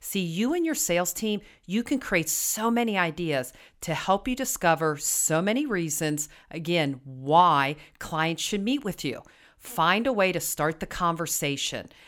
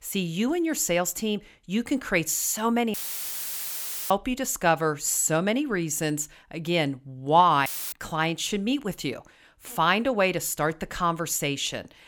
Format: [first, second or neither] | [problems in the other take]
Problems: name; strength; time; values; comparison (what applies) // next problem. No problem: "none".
first | audio cutting out; filled with static; at 3 s for 1 s and at 7.5 s